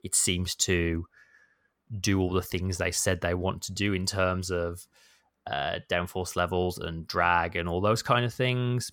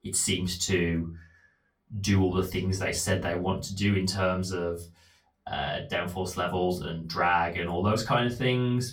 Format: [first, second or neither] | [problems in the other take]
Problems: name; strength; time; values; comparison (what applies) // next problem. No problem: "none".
first | off-mic speech; far // room echo; very slight; dies away in 0.3 s